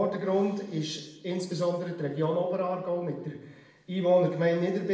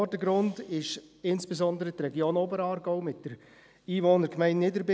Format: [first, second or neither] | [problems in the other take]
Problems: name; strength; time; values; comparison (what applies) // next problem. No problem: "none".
second | room echo; dies away in 0.7 s